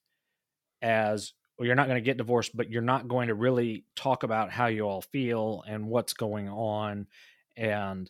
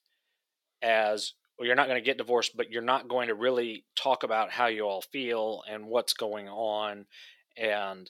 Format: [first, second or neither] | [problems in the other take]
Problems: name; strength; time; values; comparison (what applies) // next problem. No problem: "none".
first | thin; somewhat; fading below 450 Hz